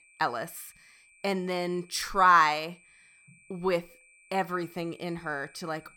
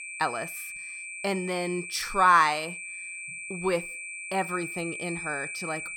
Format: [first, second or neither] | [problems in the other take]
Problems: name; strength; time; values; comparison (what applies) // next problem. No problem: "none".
first | high-pitched whine; loud; throughout; 2.5 kHz, 8 dB below the speech; faint in the first